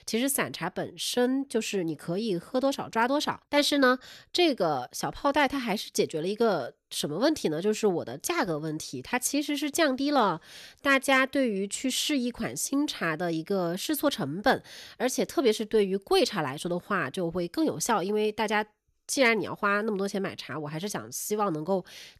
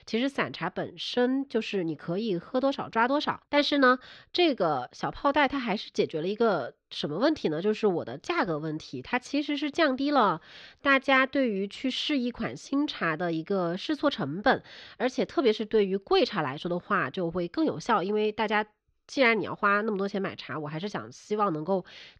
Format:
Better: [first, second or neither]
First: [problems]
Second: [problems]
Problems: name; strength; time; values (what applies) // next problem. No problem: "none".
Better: first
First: none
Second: muffled; very slightly; fading above 4.5 kHz